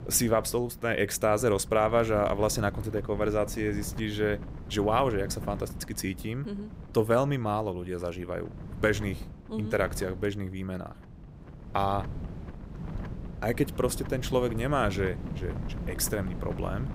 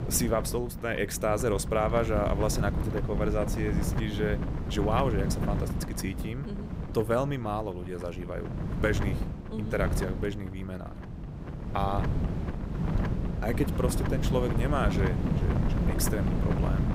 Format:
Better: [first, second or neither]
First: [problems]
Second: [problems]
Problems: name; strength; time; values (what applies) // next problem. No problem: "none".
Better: first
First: wind noise on the microphone; occasional gusts; 20 dB below the speech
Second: wind noise on the microphone; heavy; 7 dB below the speech